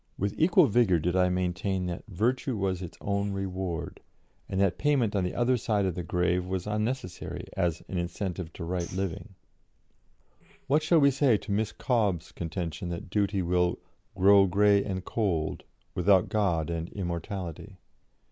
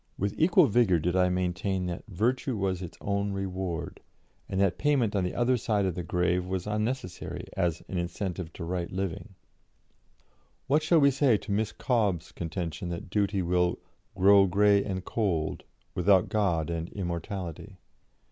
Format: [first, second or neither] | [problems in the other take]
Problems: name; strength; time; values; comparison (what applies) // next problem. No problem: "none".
second | noise reduction (neural mask model Resemble Enhance denoiser)